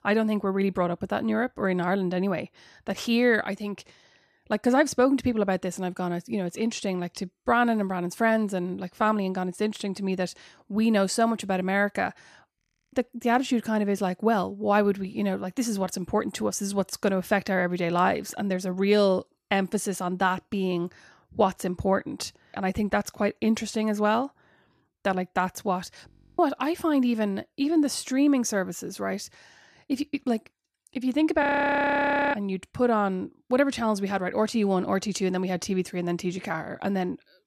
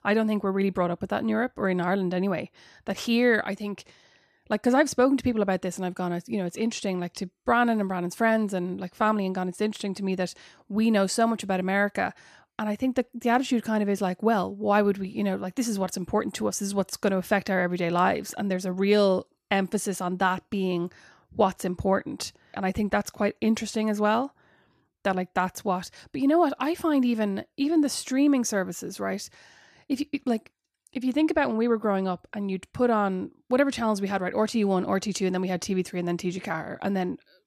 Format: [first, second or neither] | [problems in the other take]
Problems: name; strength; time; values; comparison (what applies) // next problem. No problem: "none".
second | audio freezing; at 13 s, at 26 s and at 31 s for 1 s